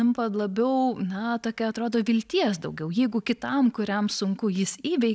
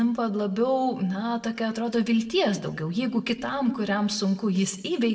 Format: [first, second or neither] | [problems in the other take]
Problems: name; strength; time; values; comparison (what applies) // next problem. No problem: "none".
first | room echo; dies away in 0.7 s